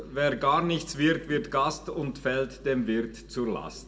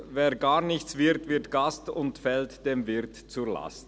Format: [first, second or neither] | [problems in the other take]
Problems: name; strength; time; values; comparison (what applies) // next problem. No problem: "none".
second | room echo; dies away in 0.4 s